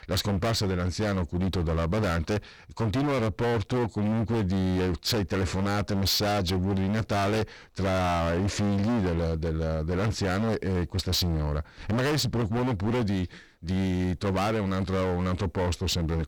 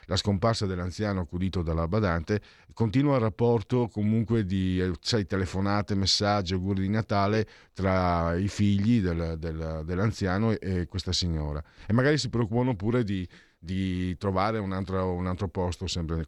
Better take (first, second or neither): second